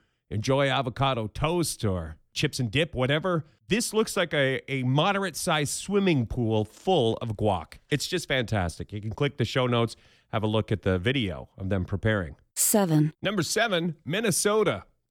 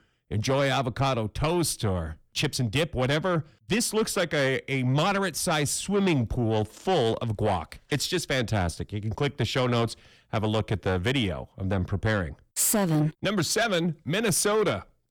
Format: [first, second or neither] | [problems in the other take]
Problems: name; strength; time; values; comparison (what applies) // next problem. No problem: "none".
first | distortion; slight; 10 dB below the speech